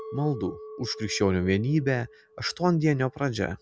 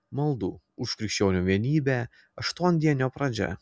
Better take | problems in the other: second | background sound (Chink, clink); 17 dB below the speech

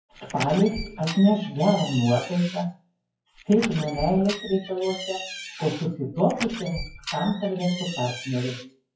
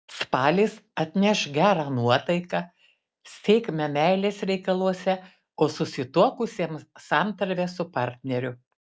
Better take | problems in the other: second | noise reduction (classical method WPE with log-MMSE)

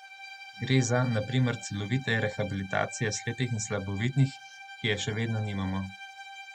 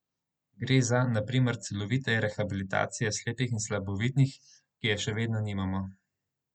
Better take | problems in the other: second | background sound (Bowed string instrument); 16 dB below the speech

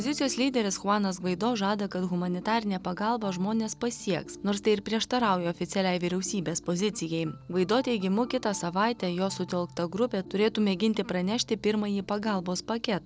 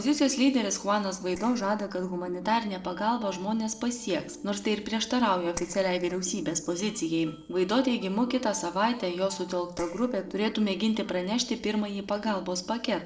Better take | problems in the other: first | noise reduction (neural separator model SepFormer DNS4)

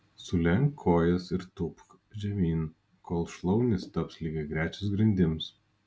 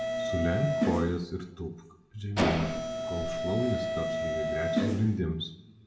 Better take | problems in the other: first | background sound (Mechanisms); as loud as the speech // room echo; dies away in 0.7 s

